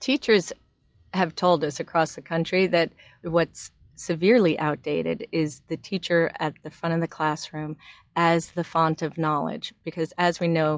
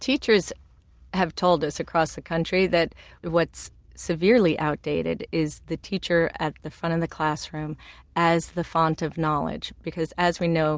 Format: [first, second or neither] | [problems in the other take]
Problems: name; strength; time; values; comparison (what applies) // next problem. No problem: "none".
second | noise reduction (classical method log-MMSE)